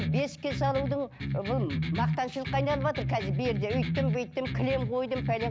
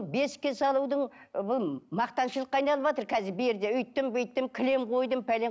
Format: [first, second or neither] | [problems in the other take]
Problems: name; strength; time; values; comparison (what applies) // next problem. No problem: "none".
second | background sound (Electric guitar); as loud as the speech